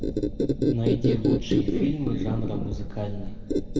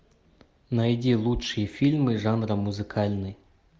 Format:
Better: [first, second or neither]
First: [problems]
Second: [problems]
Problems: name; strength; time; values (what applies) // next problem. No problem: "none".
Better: second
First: background sound (Squeak); 5 dB above the speech // room echo; dies away in 1.8 s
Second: none